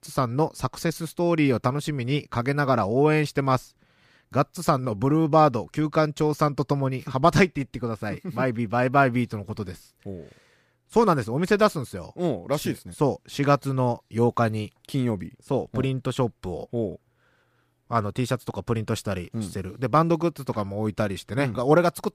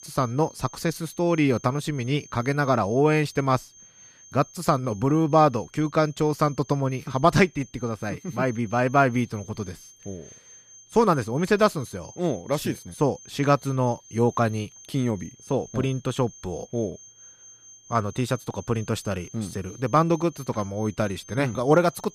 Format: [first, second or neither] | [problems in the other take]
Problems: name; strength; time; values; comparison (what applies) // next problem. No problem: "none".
first | high-pitched whine; faint; throughout; 6.5 kHz, 20 dB below the speech